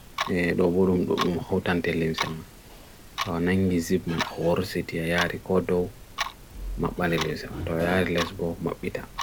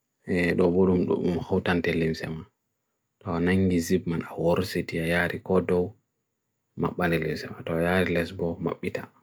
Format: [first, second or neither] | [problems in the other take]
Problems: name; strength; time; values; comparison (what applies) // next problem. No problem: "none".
second | background sound (Clock); 9 dB below the speech